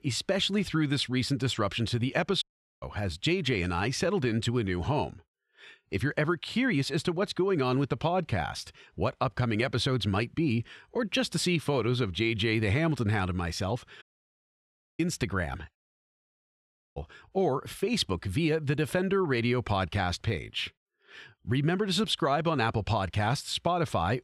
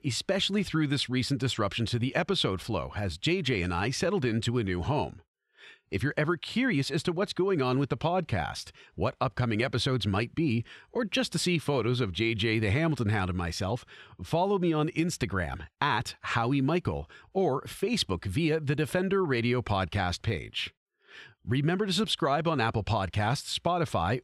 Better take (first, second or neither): second